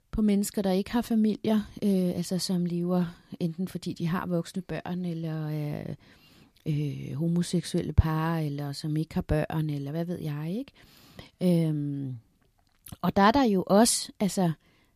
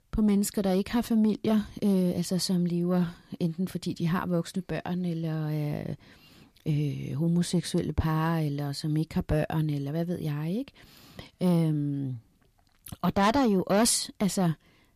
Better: first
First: none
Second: distortion; slight; 10 dB below the speech

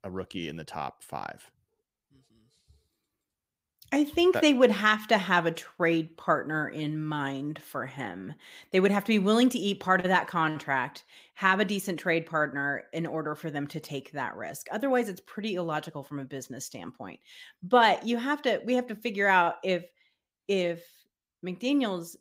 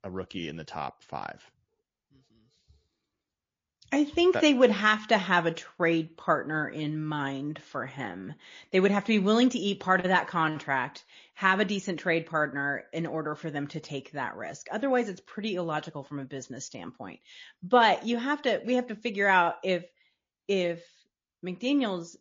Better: first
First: none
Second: garbled, watery; slightly; nothing above 7 kHz

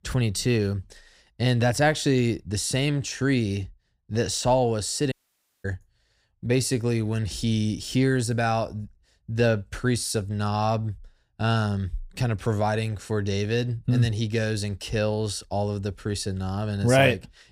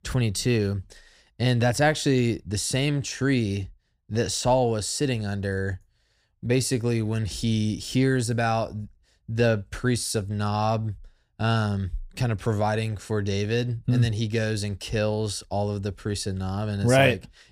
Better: second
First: audio cutting out; at 5 s for 0.5 s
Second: none

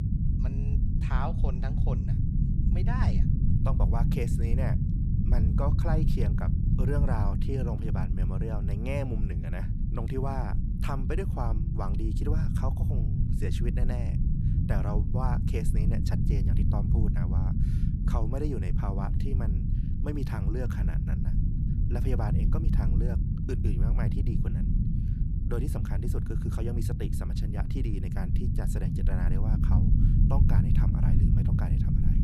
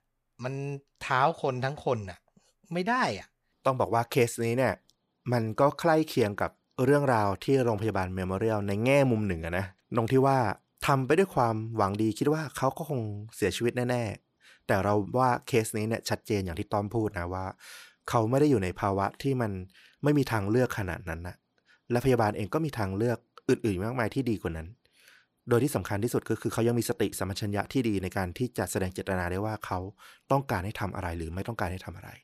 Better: second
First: low rumble; loud; throughout; 1 dB below the speech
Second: none

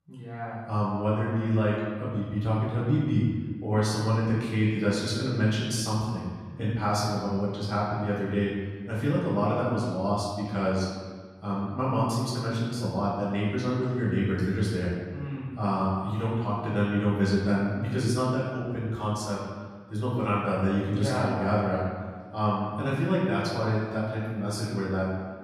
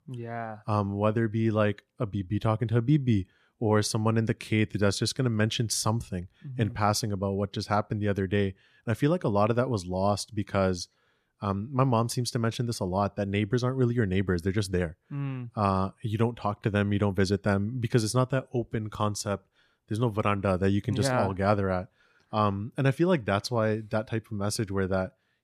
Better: second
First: room echo; strong; dies away in 1.4 s // off-mic speech; far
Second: none

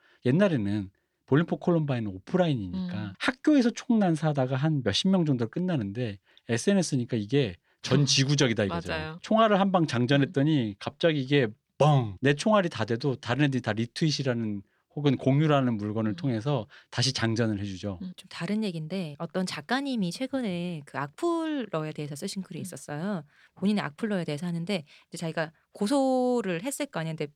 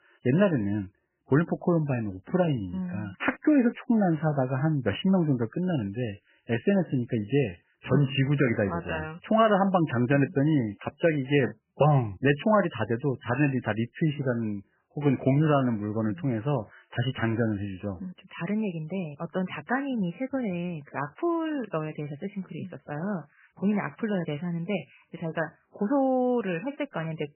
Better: first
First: none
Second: garbled, watery; badly; nothing above 3 kHz

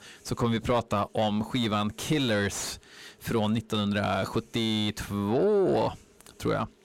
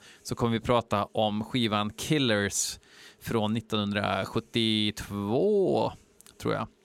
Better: second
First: distortion; slight; 9 dB below the speech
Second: none

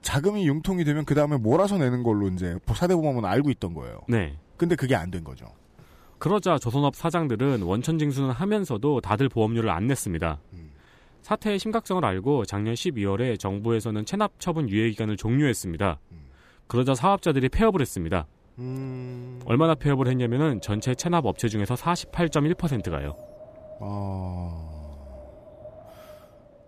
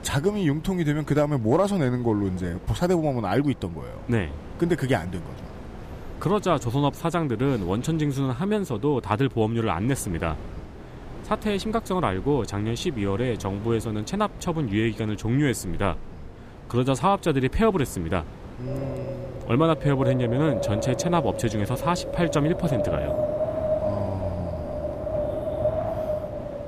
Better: first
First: wind in the background; faint; throughout; 25 dB below the speech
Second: wind in the background; loud; throughout; 8 dB below the speech

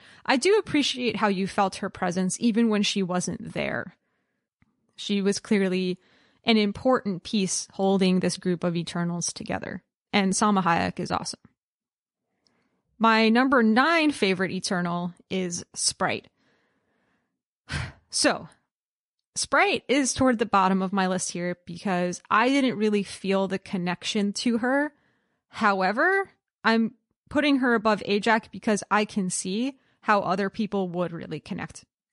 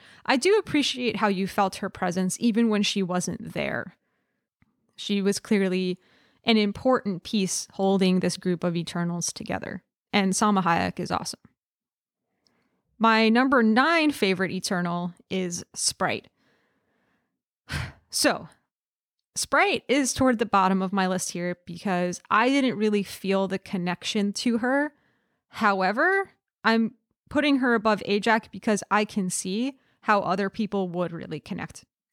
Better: second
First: garbled, watery; slightly; nothing above 10.5 kHz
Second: none

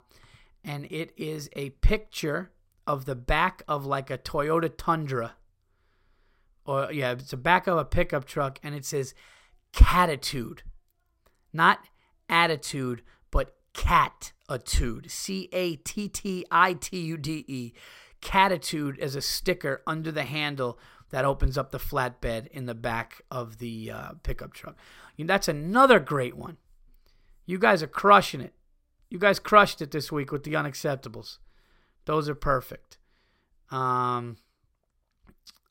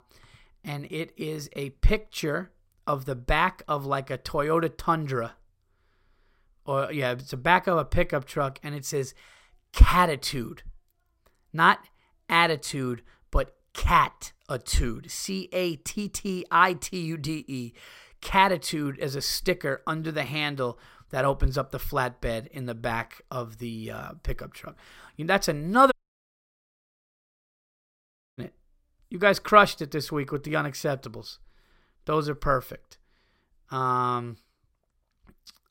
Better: first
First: none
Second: audio cutting out; at 26 s for 2.5 s

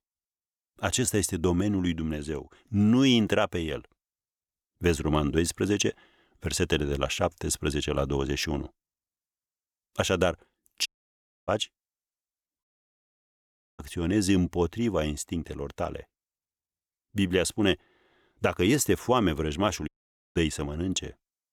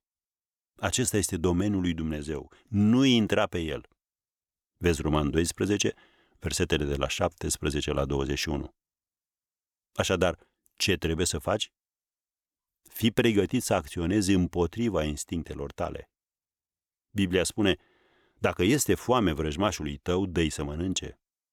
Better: second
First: audio cutting out; at 11 s for 0.5 s, at 13 s for 1 s and at 20 s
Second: none

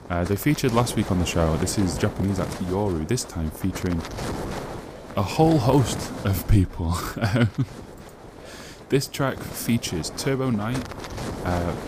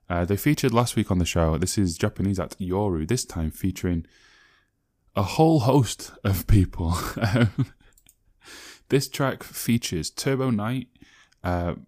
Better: second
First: wind noise on the microphone; heavy; 9 dB below the speech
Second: none

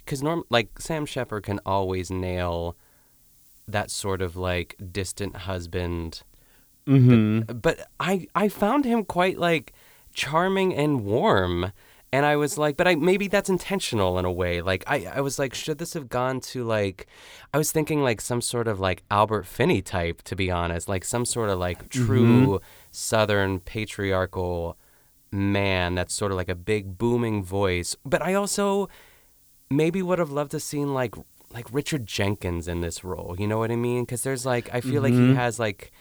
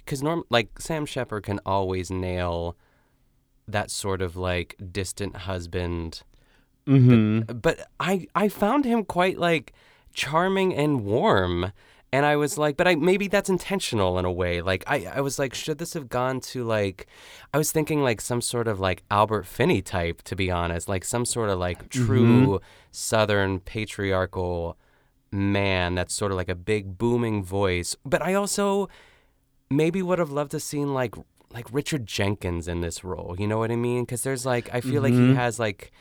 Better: second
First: hiss; faint; until 16 s and from 21 s on; 30 dB below the speech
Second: none

